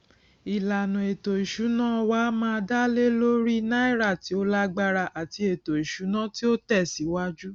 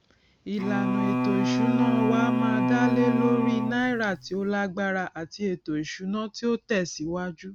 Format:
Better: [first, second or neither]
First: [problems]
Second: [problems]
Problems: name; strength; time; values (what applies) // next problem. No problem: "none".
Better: first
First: none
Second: background sound (Bowed string instrument); 2 dB above the speech